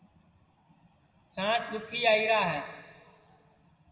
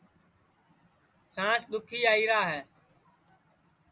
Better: second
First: room echo; dies away in 1.5 s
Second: none

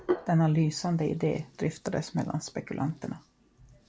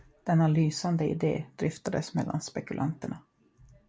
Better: second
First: background sound (Hands); 11 dB below the speech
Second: none

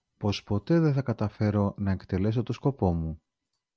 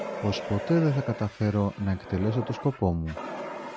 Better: first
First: none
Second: background sound (Fire); 10 dB below the speech

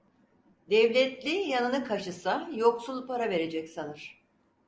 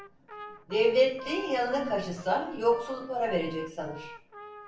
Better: first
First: none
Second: background sound (Trumpet); 17 dB below the speech // room echo; dies away in 0.4 s

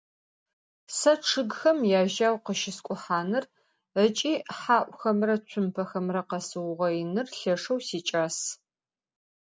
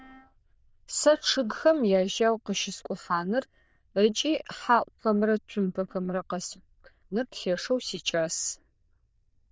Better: first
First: none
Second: noise reduction (neural diffusion model UNIVERSE++)

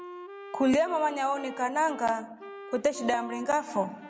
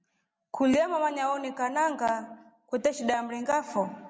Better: second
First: background sound (Wind instrument, woodwind instrument); 16 dB below the speech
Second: none

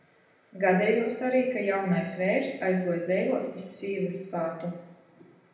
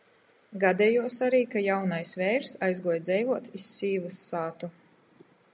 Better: second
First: room echo; dies away in 0.8 s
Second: none

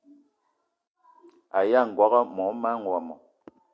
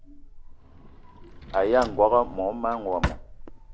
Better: first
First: none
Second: background sound (Drawer open or close); 10 dB below the speech

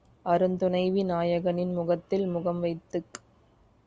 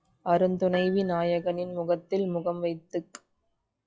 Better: first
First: none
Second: noise reduction (classical method log-MMSE)

